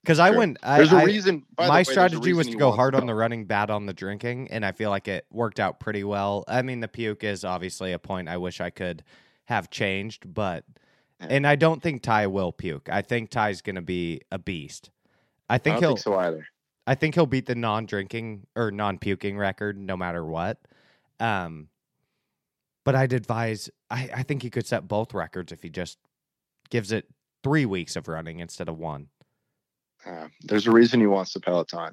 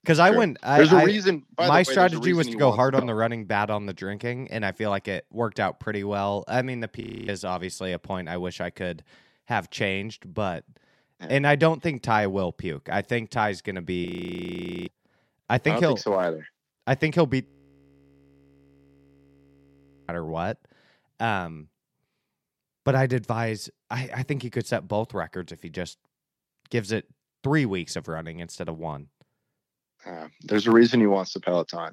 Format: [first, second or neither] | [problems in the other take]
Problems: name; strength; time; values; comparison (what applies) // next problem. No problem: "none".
first | audio freezing; at 7 s, at 14 s for 1 s and at 17 s for 2.5 s